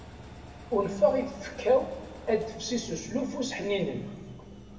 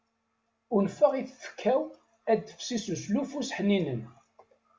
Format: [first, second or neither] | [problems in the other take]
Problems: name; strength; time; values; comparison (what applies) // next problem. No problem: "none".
second | background sound (Engine); 16 dB below the speech // room echo; dies away in 1.2 s